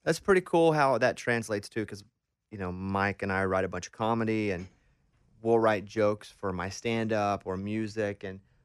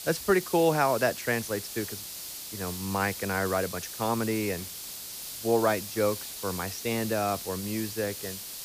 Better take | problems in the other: first | hiss; loud; throughout; 7 dB below the speech

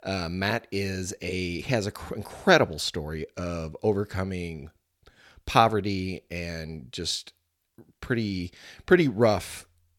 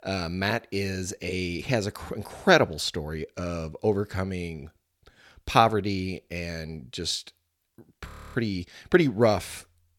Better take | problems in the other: first | audio freezing; at 8 s

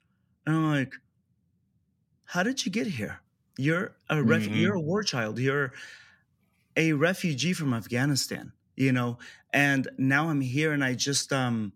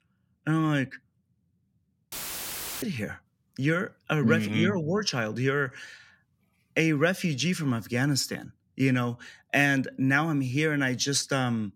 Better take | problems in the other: first | audio cutting out; filled with static; at 2 s for 0.5 s

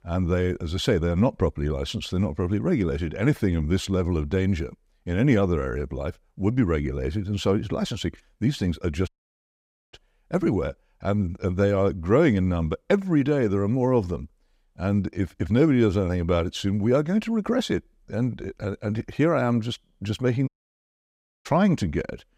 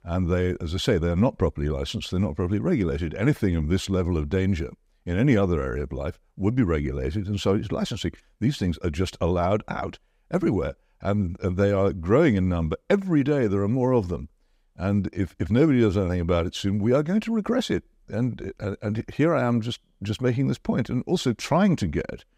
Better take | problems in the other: second | audio cutting out; at 9 s for 1 s and at 20 s for 1 s

